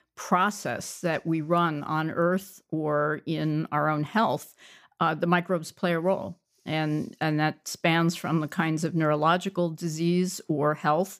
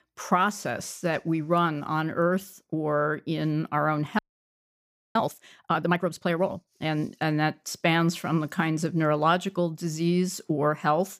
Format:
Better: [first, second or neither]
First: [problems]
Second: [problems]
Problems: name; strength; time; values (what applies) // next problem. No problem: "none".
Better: first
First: none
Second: audio freezing; at 4 s for 1 s